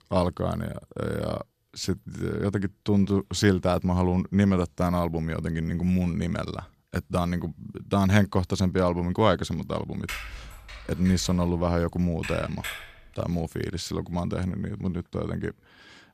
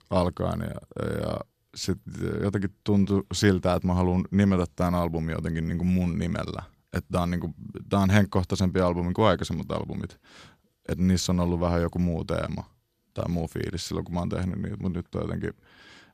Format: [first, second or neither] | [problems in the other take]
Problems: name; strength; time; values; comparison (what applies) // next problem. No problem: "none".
second | keyboard typing; noticeable; from 10 to 13 s; peak 8 dB below the speech